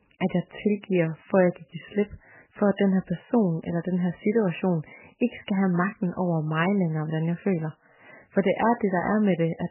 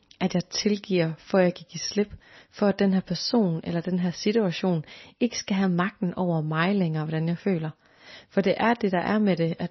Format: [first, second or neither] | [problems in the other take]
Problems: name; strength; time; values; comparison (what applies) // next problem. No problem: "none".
second | garbled, watery; badly; nothing above 3 kHz; slightly in the second